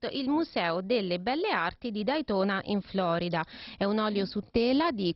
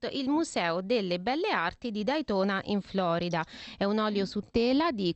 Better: second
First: garbled, watery; badly; nothing above 5 kHz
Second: garbled, watery; slightly; nothing above 8 kHz

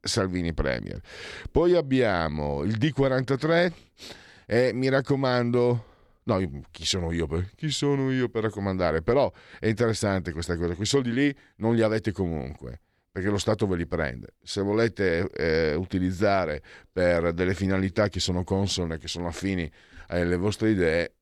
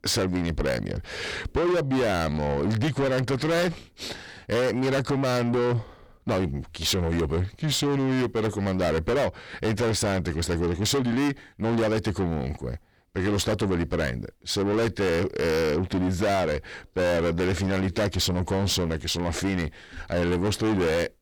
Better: first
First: none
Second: distortion; heavy; 6 dB below the speech

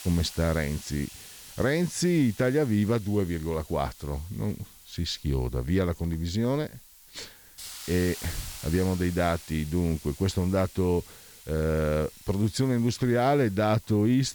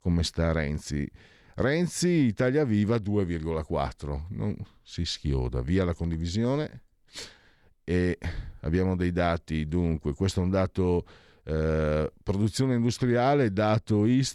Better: second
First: hiss; noticeable; throughout; 15 dB below the speech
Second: none

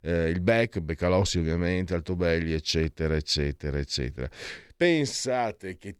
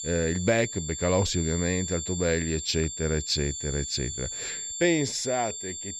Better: first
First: none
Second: high-pitched whine; loud; throughout; 7.5 kHz, 5 dB below the speech

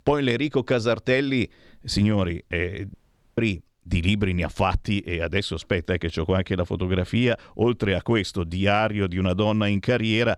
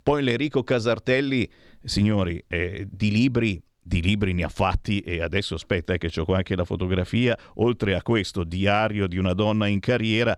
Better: second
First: audio cutting out; at 3 s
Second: none

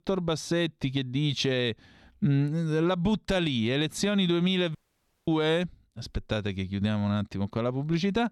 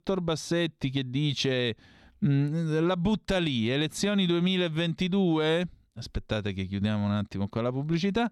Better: second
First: audio cutting out; at 5 s for 0.5 s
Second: none

